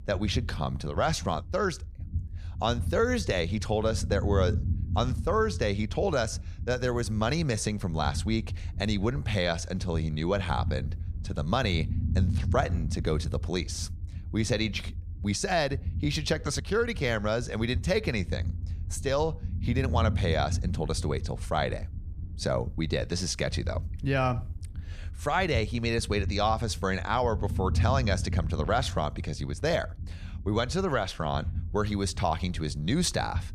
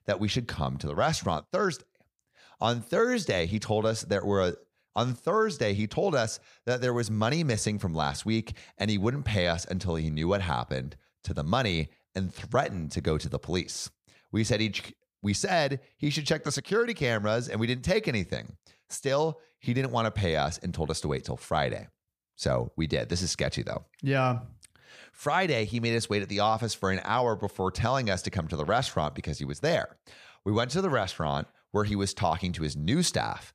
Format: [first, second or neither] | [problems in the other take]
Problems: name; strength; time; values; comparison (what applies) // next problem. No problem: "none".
second | low rumble; noticeable; throughout; 20 dB below the speech